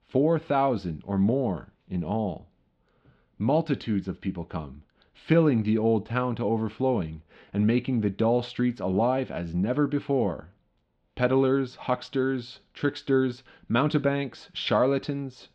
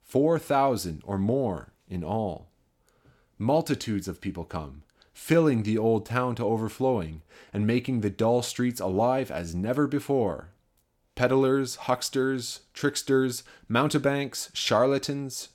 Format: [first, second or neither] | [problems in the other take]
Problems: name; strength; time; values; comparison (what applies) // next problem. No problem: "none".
second | muffled; slightly; fading above 3.5 kHz